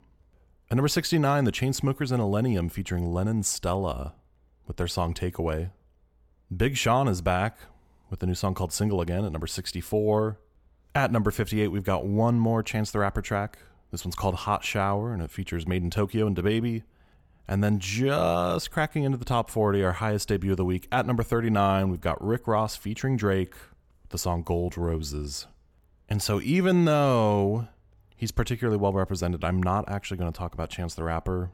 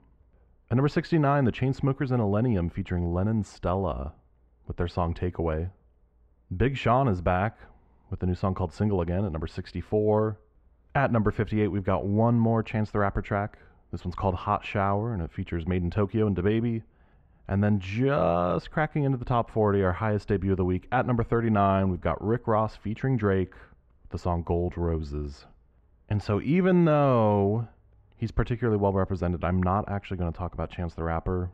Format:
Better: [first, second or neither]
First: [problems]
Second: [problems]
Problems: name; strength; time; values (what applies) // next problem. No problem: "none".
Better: first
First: none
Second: muffled; very; fading above 2 kHz